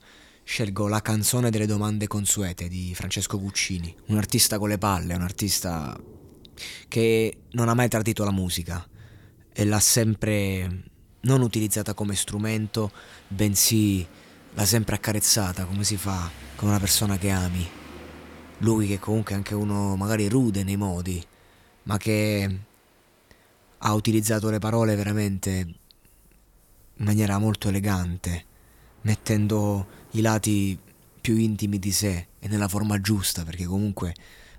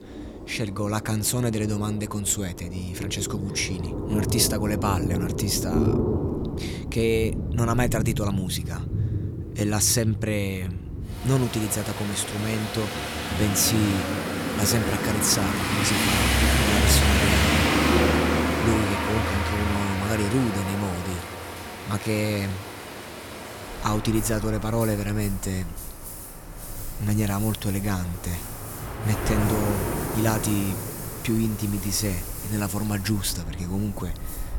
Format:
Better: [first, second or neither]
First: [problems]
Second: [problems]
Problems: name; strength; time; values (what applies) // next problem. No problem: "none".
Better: first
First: rain or running water; faint; throughout; 25 dB below the speech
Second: rain or running water; loud; throughout; 1 dB below the speech